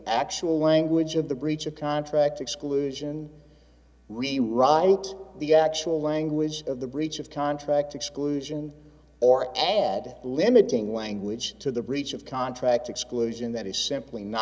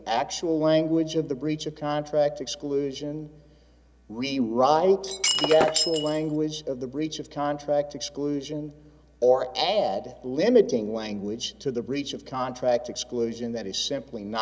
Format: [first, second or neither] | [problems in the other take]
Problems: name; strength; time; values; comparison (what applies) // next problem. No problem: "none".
first | background sound (Shatter); 1 dB below the speech